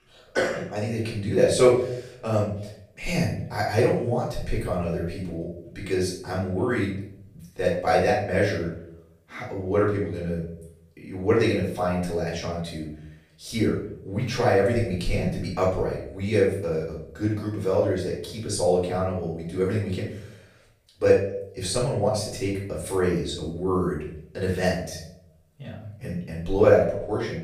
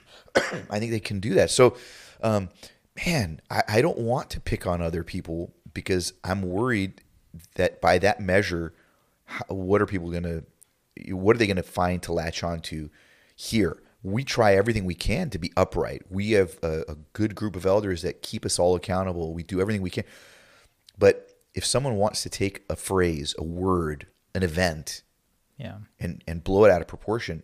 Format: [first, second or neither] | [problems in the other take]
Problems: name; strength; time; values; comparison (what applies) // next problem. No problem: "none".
second | room echo; noticeable; dies away in 0.6 s // off-mic speech; far